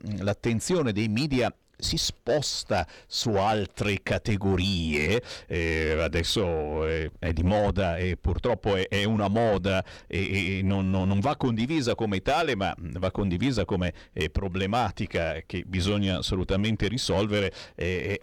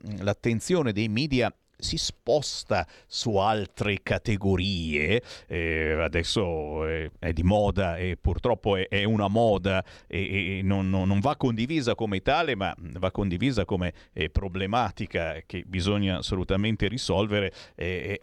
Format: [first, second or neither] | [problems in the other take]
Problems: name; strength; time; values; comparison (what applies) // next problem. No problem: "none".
second | distortion; slight; 10 dB below the speech